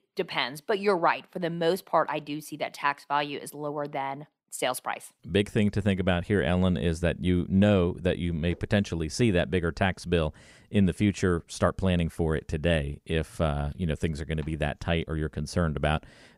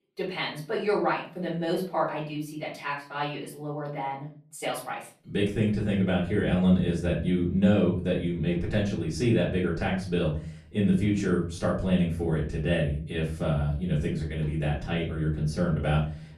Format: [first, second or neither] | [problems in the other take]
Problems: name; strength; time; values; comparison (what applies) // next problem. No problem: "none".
first | off-mic speech; far // room echo; slight; dies away in 0.4 s